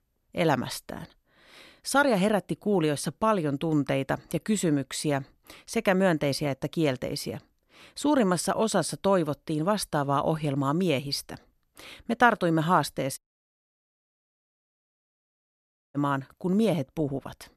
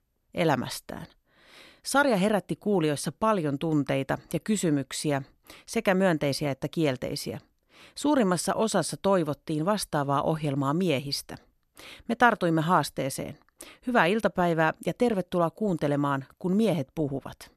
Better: second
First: audio cutting out; at 13 s for 3 s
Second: none

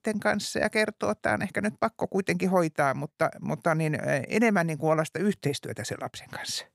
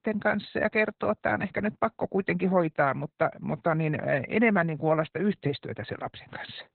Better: first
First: none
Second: garbled, watery; badly; nothing above 4 kHz

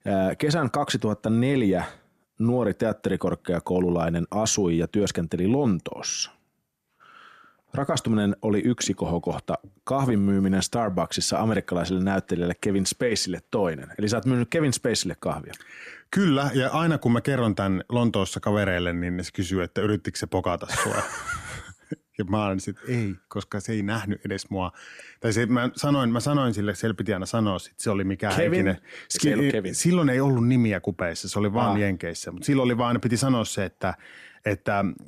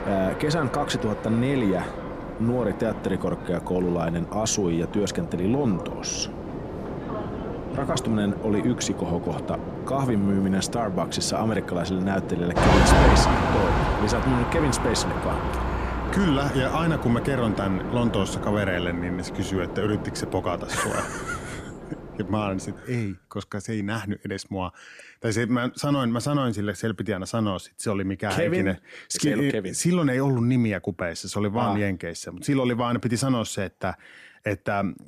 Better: first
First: none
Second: train or aircraft noise; loud; until 23 s; 2 dB below the speech

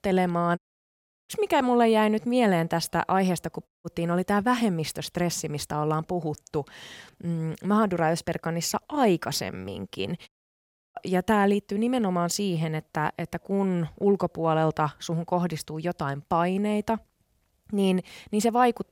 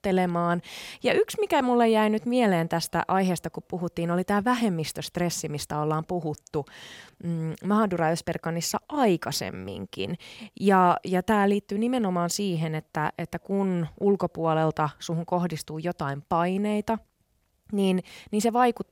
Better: second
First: audio cutting out; at 0.5 s for 0.5 s, at 3.5 s and at 10 s for 0.5 s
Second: none

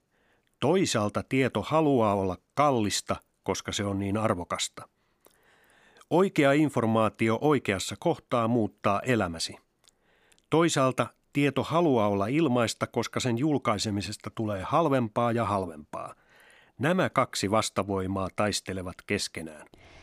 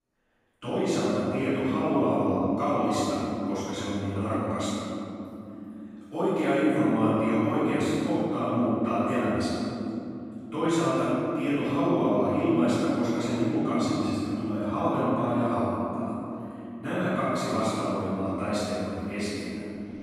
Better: first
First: none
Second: room echo; strong; dies away in 3 s // off-mic speech; far

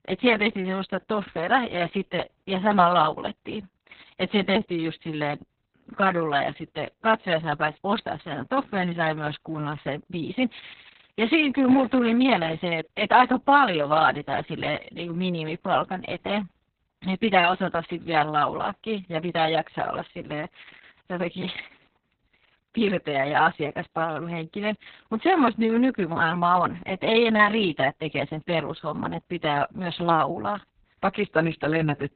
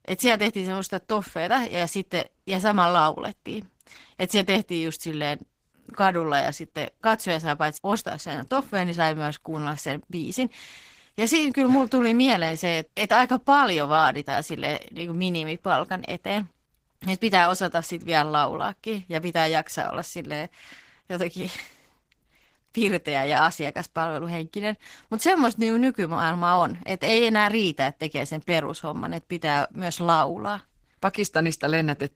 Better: second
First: garbled, watery; badly; nothing above 4 kHz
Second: garbled, watery; slightly; nothing above 15.5 kHz

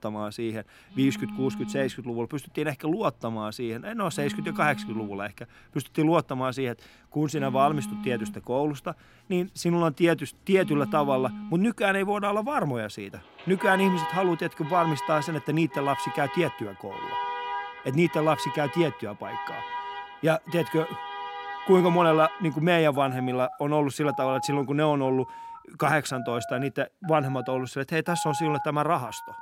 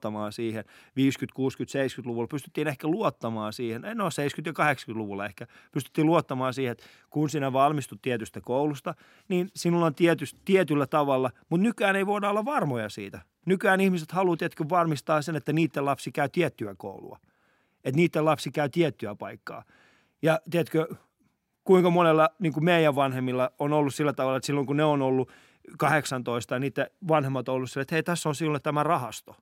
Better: second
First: alarms or sirens; loud; throughout; 9 dB below the speech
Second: none

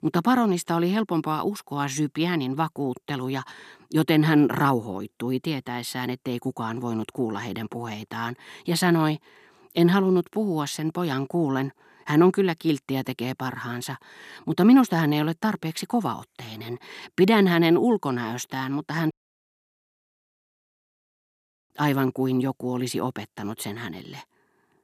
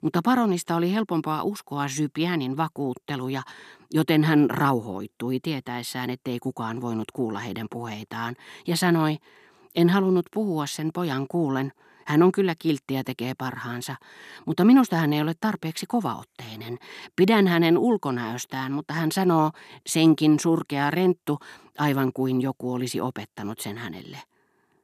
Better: second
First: audio cutting out; at 19 s for 2.5 s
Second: none

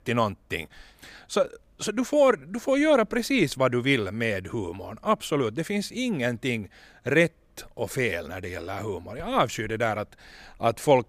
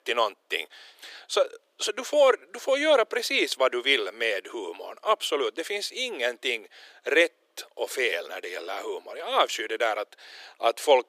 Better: first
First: none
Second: thin; very; fading below 350 Hz

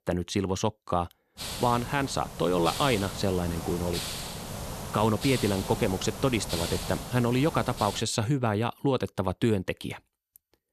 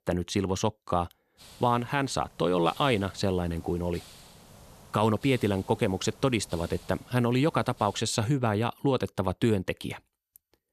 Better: second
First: hiss; loud; from 1.5 to 8 s; 8 dB below the speech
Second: hiss; faint; from 1.5 to 8 s; 25 dB below the speech

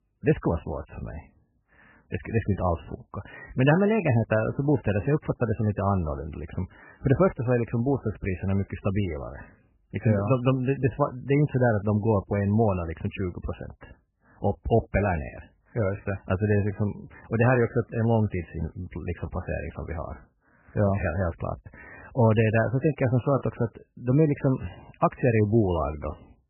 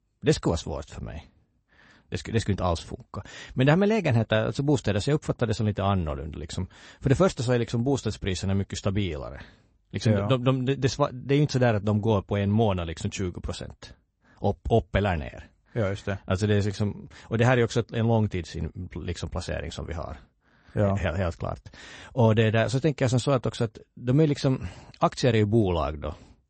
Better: second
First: garbled, watery; badly; nothing above 3 kHz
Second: garbled, watery; slightly; nothing above 8 kHz

